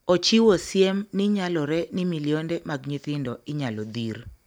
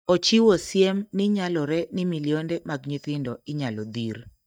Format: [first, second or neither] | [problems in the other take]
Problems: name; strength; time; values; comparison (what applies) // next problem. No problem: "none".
first | noise reduction (neural mask model DeepFilterNet 3)